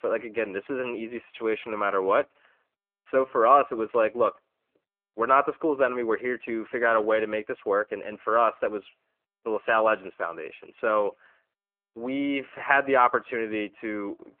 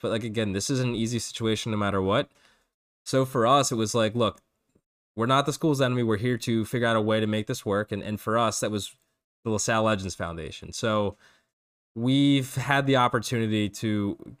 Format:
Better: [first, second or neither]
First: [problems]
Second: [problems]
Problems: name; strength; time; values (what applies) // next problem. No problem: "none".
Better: second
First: phone-call audio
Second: none